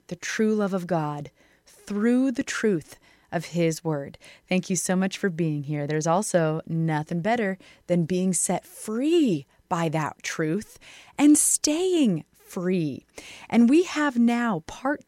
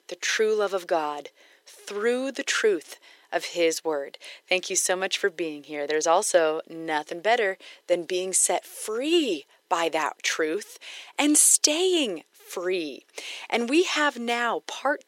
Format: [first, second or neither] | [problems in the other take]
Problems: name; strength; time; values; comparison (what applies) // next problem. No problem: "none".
first | thin; somewhat; fading below 400 Hz